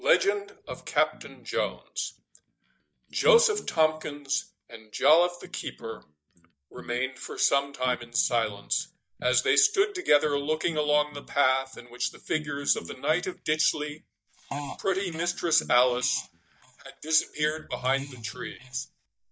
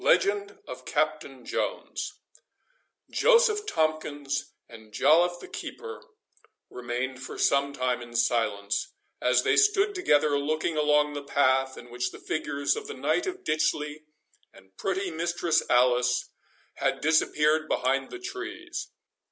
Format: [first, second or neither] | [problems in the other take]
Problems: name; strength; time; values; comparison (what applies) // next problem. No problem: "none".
second | noise reduction (neural mask model DeepFilterNet 3)